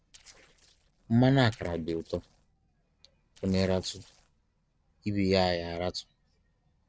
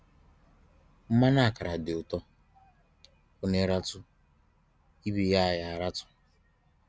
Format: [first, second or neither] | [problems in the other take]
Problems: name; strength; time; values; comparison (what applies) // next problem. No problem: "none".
second | noise reduction (neural separator model SepFormer DNS4)